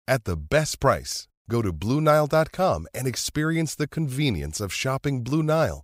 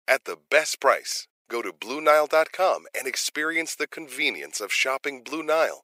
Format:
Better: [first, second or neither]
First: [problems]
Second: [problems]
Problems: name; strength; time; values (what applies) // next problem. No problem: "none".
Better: first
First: none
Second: thin; very; fading below 400 Hz